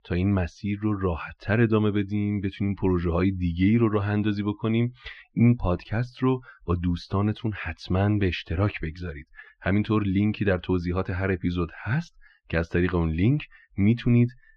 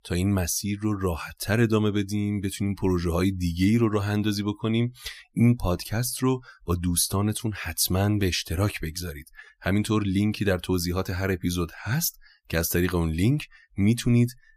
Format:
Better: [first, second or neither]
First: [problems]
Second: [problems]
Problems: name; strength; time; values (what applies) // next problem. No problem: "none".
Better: second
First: muffled; very; fading above 3 kHz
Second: none